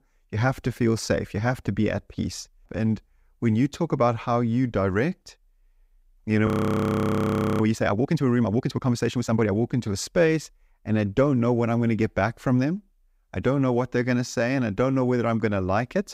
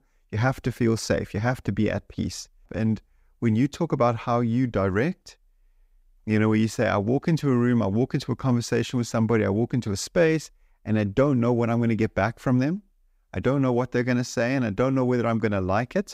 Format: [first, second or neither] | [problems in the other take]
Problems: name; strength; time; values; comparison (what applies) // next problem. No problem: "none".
second | audio freezing; at 6.5 s for 1 s